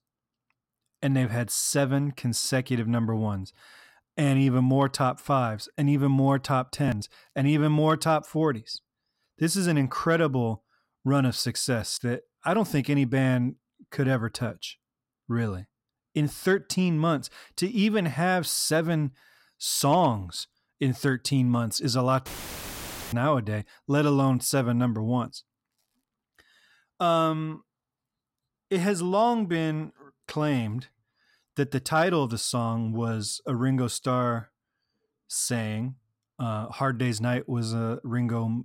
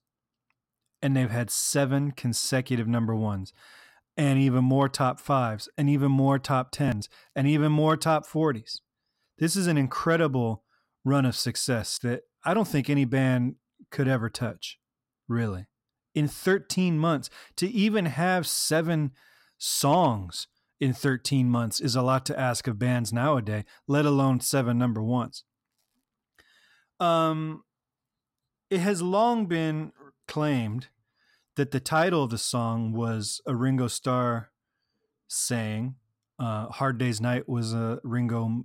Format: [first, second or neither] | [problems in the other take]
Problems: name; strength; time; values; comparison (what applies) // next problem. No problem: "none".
second | audio cutting out; filled with static; at 22 s for 1 s